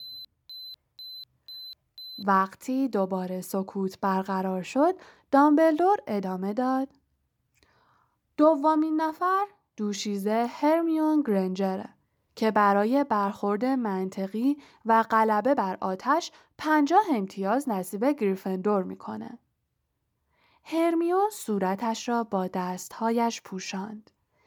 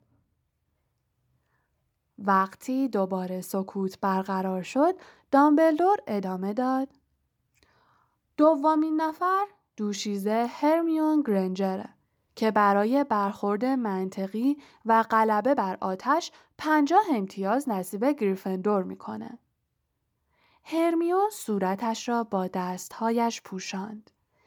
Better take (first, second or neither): second